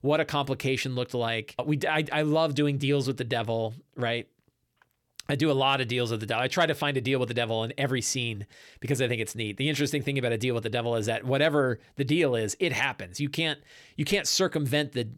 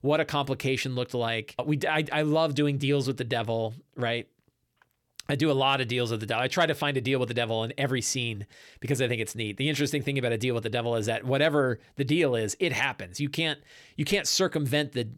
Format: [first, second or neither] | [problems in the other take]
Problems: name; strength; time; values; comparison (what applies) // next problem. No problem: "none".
neither | none